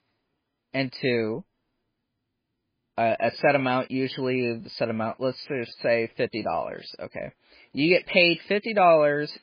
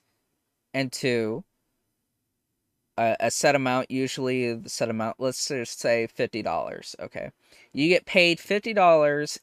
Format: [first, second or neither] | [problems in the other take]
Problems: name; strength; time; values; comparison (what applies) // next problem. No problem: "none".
second | garbled, watery; badly; nothing above 4.5 kHz